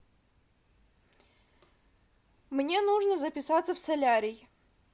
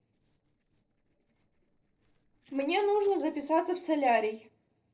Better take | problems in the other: first | noise reduction (neural separator model SepFormer DNS4)

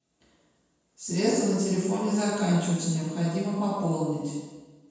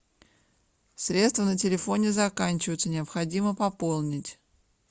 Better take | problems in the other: second | room echo; dies away in 1.2 s

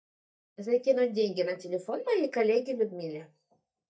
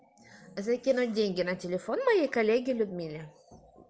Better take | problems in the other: second | noise reduction (neural mask model DeepFilterNet 3)

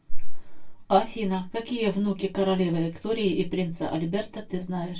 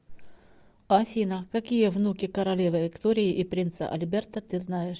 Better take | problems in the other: second | room echo; dies away in 0.2 s

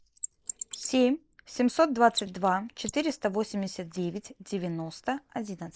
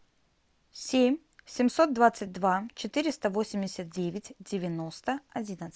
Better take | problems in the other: second | noise reduction (neural mask model Resemble Enhance denoiser)

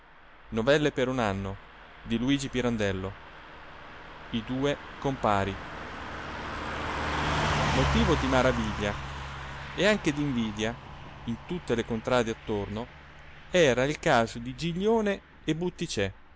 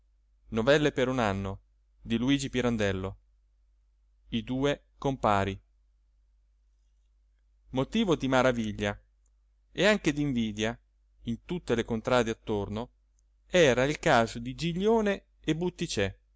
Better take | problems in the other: second | background sound (Car passing by / Truck); 7 dB below the speech

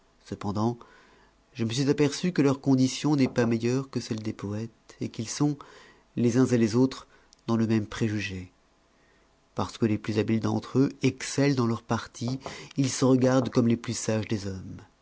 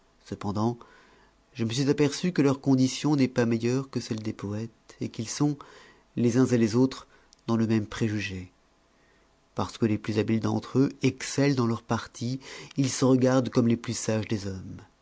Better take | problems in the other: second | background sound (Knock / Wood); 17 dB below the speech

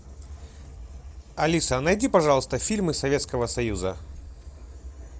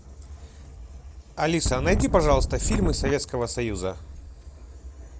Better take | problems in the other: first | background sound (Wind); 2 dB above the speech

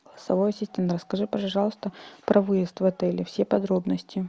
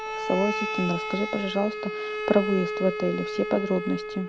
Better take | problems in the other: first | background sound (Bowed string instrument); 4 dB below the speech

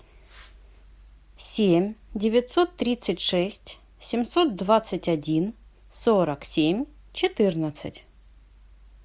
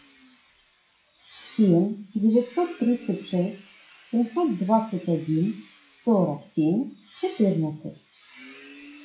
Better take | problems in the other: first | noise reduction (classical method WPE with log-MMSE)

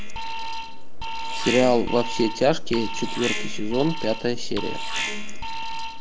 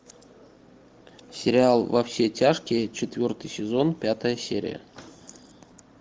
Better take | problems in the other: second | background sound (Alarm); as loud as the speech

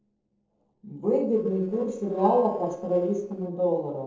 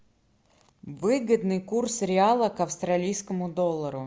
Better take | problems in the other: second | noise reduction (neural separator model SepFormer DNS4)

